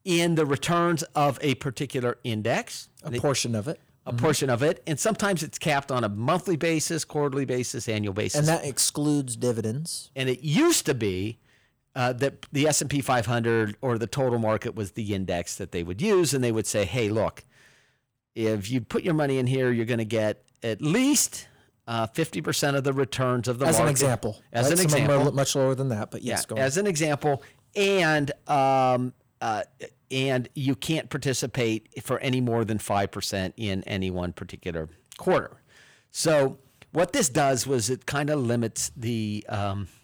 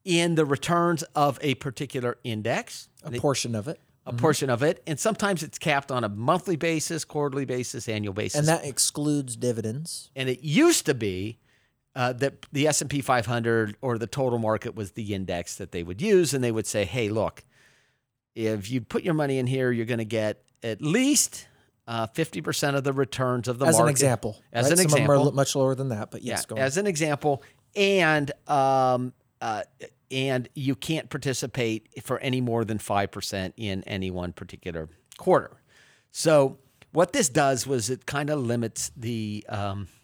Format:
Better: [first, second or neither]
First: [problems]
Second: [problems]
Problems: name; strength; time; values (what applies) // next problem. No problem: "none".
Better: second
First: distortion; slight; 10 dB below the speech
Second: none